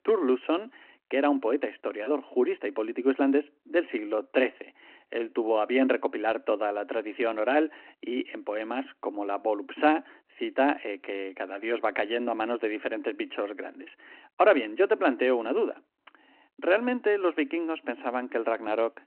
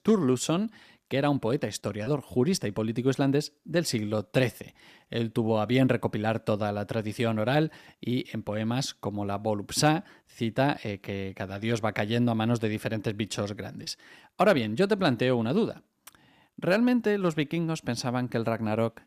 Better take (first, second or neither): second